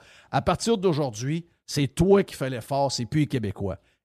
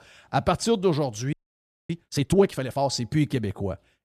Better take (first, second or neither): first